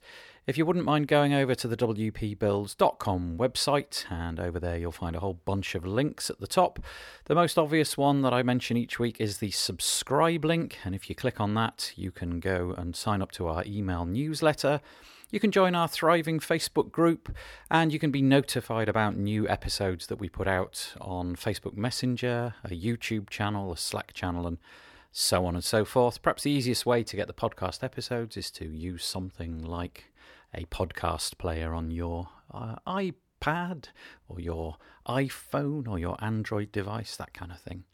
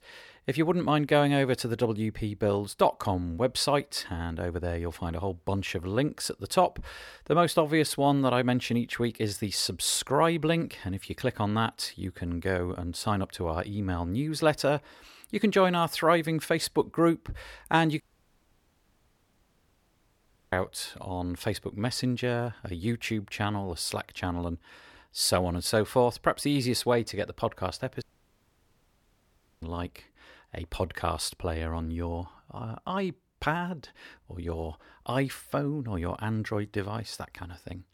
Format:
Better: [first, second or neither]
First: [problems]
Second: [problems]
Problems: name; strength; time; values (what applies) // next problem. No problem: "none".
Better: first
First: none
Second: audio cutting out; at 18 s for 2.5 s and at 28 s for 1.5 s